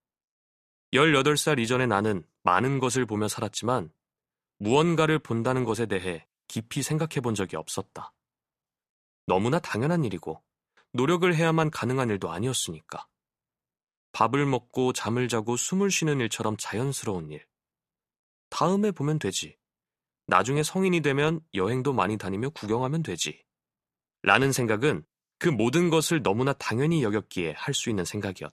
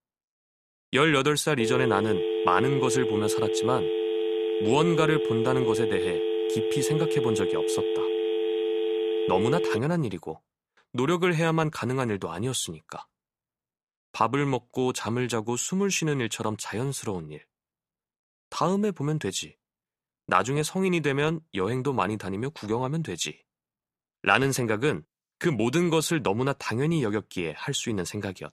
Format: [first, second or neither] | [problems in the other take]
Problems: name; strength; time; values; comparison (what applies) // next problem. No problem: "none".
first | phone ringing; loud; from 1.5 to 10 s; peak level with the speech